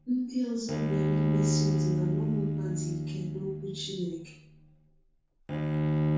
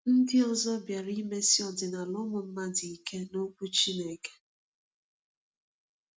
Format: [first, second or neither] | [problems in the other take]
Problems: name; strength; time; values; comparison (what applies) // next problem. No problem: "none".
second | background sound (Bowed string instrument); 5 dB above the speech // room echo; dies away in 0.6 s